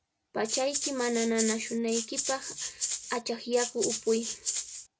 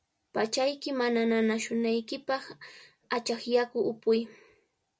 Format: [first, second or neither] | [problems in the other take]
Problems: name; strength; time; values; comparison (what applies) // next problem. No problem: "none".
second | background sound (Rattle (instrument)); 3 dB below the speech